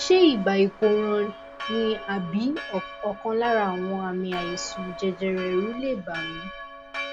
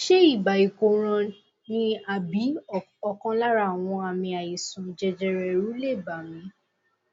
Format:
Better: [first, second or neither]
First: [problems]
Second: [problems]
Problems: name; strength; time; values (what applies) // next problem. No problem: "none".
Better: second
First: background sound (Church bell); 12 dB below the speech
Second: none